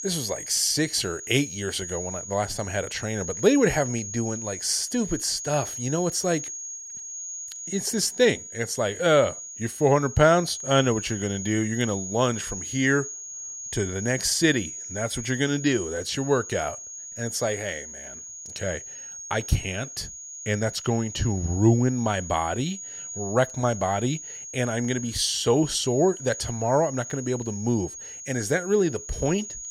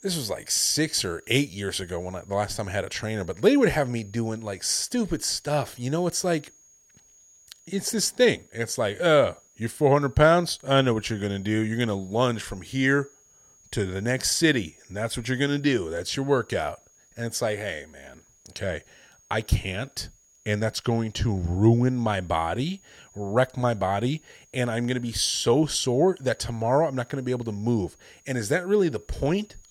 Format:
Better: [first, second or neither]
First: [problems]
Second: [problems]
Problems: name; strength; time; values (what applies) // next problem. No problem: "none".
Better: second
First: high-pitched whine; loud; throughout; 6.5 kHz, 9 dB below the speech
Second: high-pitched whine; faint; throughout; 6.5 kHz, 30 dB below the speech